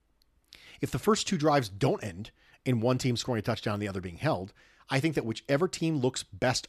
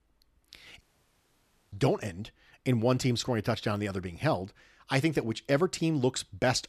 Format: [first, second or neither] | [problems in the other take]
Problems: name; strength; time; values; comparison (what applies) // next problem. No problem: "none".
first | audio cutting out; at 1 s for 1 s